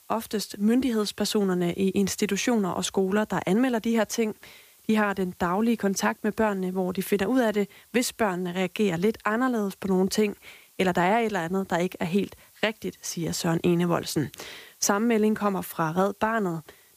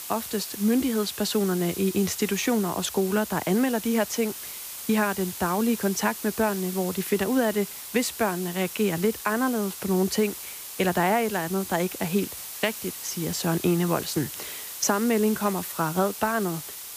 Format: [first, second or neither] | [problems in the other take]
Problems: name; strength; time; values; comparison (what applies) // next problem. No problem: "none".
first | hiss; loud; throughout; 9 dB below the speech; faint in the first